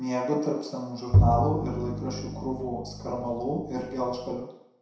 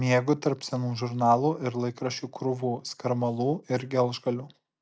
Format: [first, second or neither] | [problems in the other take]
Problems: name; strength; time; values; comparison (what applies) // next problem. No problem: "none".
second | background sound (Bowed string instrument); 2 dB above the speech // room echo; dies away in 0.7 s